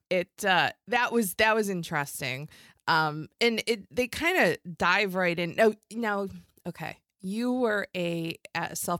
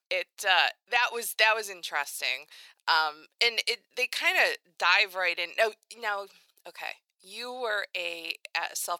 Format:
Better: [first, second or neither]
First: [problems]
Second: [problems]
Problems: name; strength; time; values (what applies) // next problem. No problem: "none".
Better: first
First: none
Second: thin; very; fading below 600 Hz